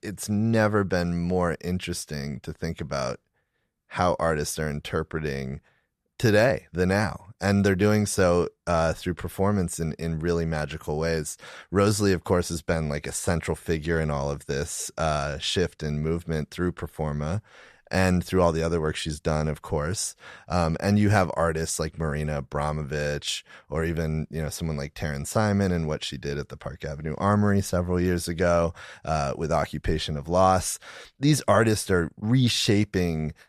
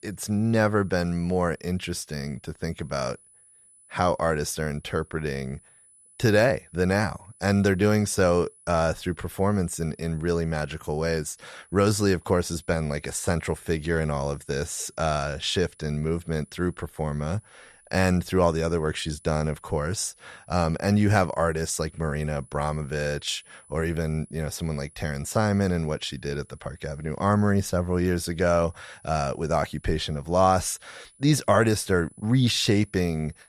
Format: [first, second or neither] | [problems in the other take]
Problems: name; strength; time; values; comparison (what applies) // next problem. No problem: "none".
first | high-pitched whine; faint; throughout; 10 kHz, 30 dB below the speech